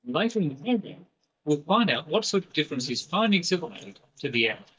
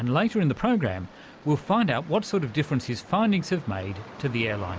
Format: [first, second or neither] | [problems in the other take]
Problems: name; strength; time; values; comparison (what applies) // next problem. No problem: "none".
second | noise reduction (neural mask model DeepFilterNet 3)